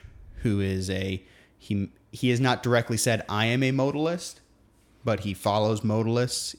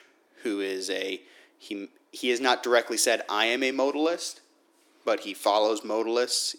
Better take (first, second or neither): first